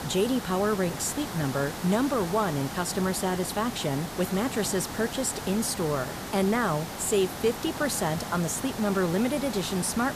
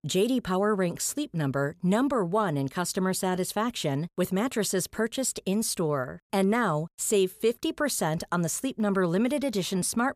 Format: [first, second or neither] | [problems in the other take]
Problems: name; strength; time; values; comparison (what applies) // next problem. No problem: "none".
second | hiss; loud; throughout; 8 dB below the speech